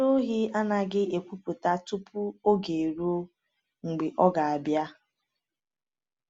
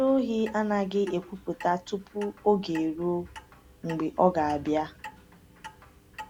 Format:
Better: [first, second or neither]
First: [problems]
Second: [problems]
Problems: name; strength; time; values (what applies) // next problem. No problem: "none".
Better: first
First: none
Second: background sound (Clock); 19 dB below the speech